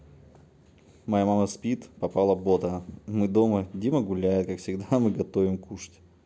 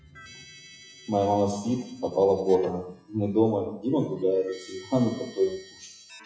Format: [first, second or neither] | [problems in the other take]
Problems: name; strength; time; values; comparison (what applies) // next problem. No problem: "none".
first | noise reduction (classical method WPE with log-MMSE)